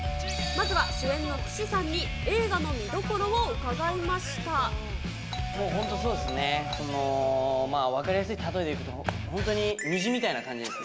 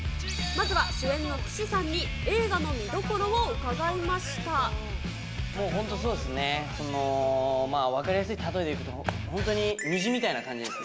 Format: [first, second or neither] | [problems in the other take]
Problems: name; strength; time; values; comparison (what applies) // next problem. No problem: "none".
second | background sound (Doorbell); 14 dB below the speech